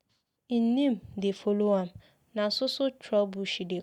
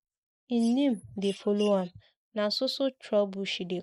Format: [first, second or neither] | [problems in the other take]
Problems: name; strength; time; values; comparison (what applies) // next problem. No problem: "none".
first | noise reduction (neural mask model Resemble Enhance denoiser)